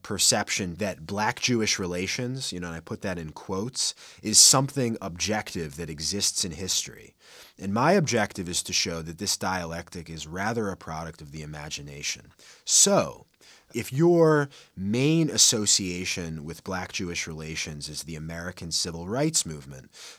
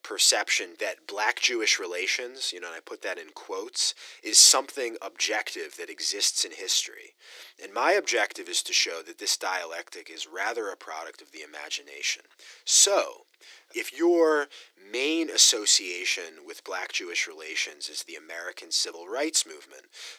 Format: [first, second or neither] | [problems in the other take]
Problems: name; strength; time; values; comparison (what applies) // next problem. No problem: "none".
first | thin; very; fading below 350 Hz